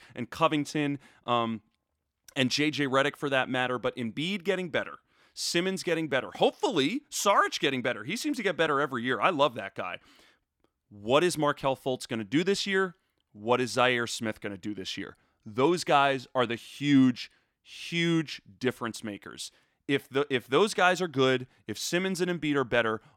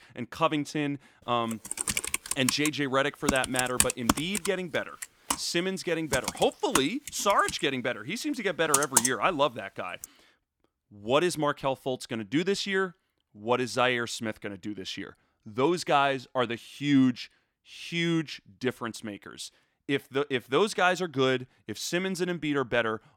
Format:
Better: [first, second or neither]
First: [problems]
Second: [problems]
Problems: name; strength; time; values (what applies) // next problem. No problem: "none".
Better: first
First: none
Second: keyboard typing; loud; from 1.5 to 9 s; peak 6 dB above the speech